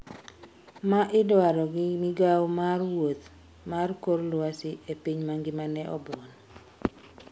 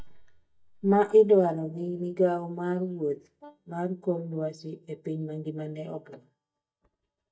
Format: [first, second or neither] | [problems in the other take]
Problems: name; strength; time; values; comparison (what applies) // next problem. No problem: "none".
first | noise reduction (neural mask model DeepFilterNet 3)